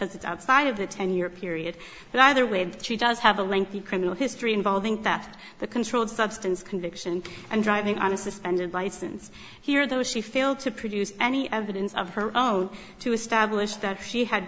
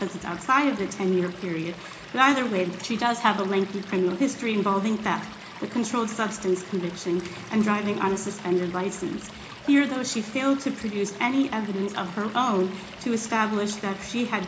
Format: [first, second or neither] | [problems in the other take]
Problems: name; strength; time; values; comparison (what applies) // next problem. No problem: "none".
first | background sound (Stream / Liquid); 17 dB below the speech // room echo; dies away in 0.4 s